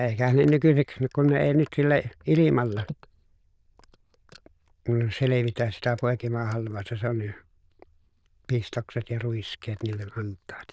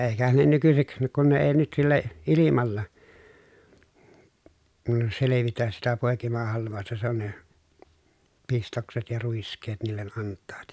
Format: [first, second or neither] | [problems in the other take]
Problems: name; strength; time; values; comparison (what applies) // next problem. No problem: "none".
second | noise reduction (neural diffusion model UNIVERSE++)